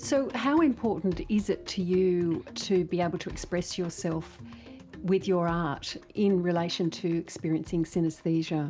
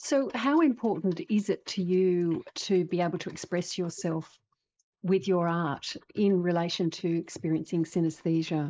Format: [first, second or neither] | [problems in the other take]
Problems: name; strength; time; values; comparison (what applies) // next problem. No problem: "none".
first | noise reduction (neural mask model Resemble Enhance denoiser)